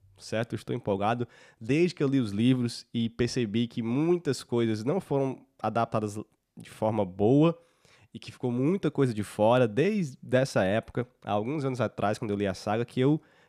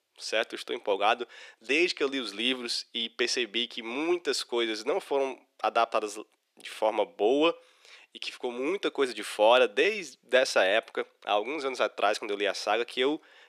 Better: first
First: none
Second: thin; very; fading below 350 Hz

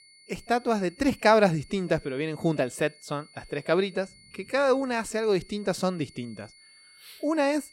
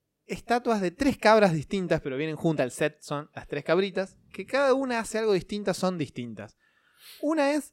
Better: second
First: high-pitched whine; faint; throughout; 4.5 kHz, 25 dB below the speech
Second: none

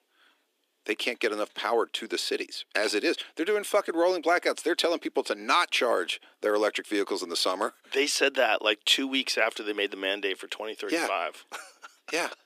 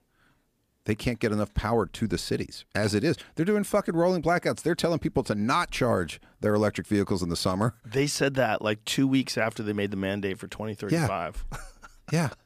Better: second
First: thin; somewhat; fading below 300 Hz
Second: none

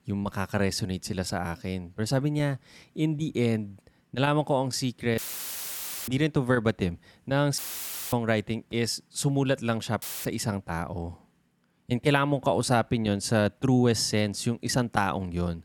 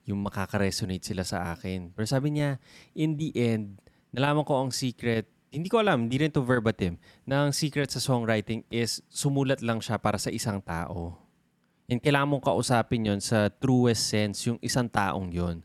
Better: second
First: audio cutting out; filled with static; at 5 s for 1 s, at 7.5 s for 0.5 s and at 10 s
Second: none

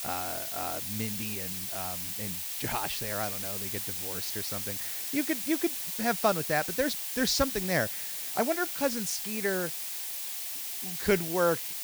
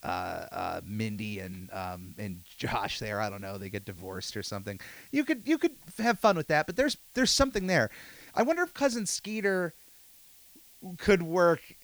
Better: second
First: hiss; loud; throughout; 1 dB below the speech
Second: hiss; faint; throughout; 20 dB below the speech

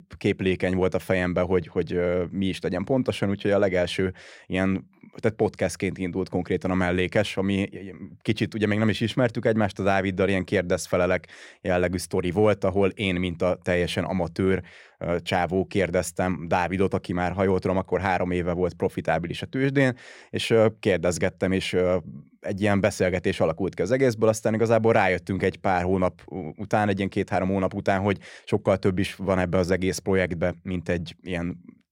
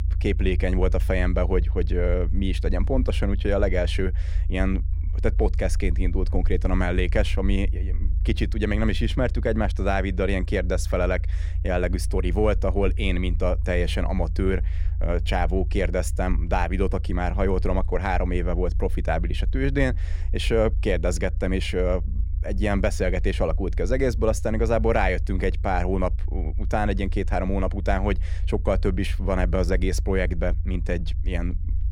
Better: first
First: none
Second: low rumble; faint; throughout; 20 dB below the speech

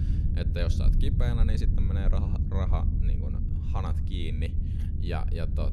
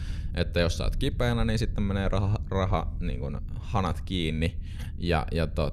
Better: second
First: low rumble; loud; throughout; 4 dB below the speech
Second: low rumble; faint; throughout; 20 dB below the speech

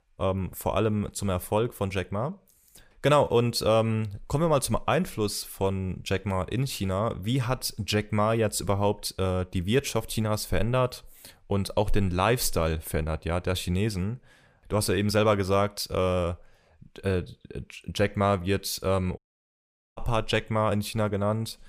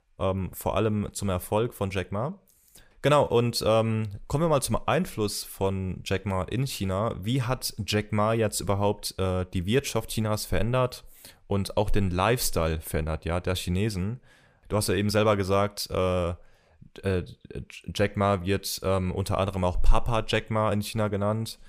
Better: second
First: audio cutting out; at 19 s for 1 s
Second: none

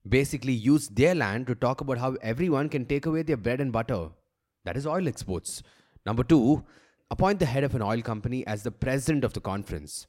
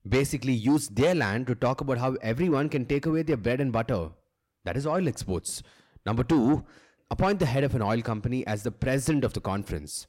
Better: first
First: none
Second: distortion; slight; 10 dB below the speech

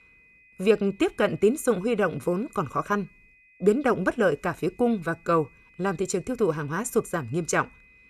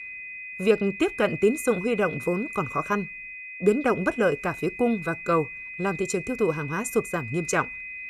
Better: first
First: high-pitched whine; faint; throughout; 2.5 kHz, 30 dB below the speech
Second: high-pitched whine; loud; throughout; 2.5 kHz, 10 dB below the speech

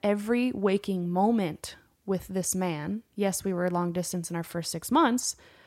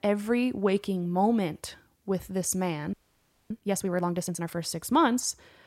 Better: first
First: none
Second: audio freezing; at 3 s for 0.5 s

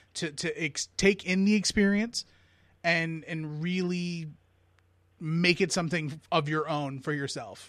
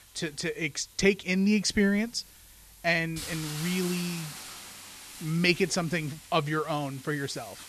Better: first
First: none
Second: hiss; noticeable; throughout; 15 dB below the speech

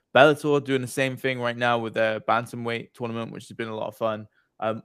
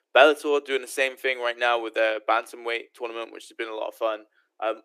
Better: first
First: none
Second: thin; very; fading below 300 Hz

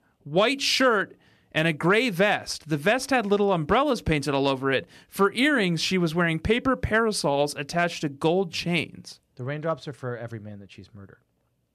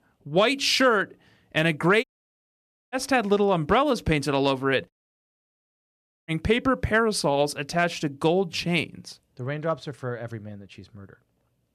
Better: first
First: none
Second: audio cutting out; at 2 s for 1 s and at 5 s for 1.5 s

